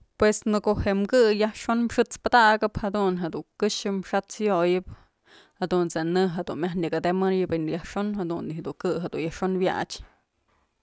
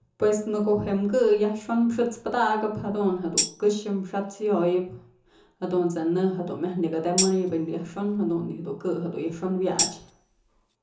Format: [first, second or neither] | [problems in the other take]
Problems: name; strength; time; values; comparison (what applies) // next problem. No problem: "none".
first | background sound (Tambourine); 5 dB below the speech // room echo; dies away in 0.6 s